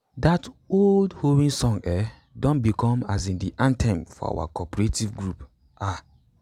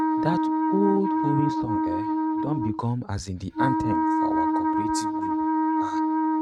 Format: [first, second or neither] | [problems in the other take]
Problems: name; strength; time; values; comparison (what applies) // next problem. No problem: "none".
first | noise reduction (neural mask model RNNoise)